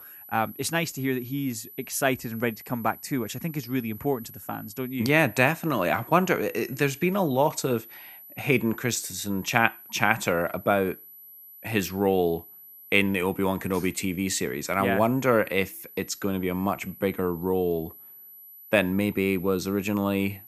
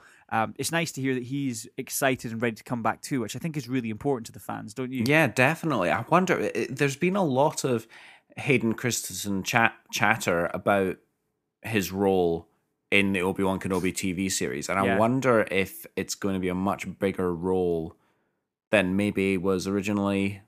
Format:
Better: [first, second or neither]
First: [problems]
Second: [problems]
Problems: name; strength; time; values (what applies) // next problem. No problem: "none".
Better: second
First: high-pitched whine; noticeable; throughout; 12 kHz, 20 dB below the speech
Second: none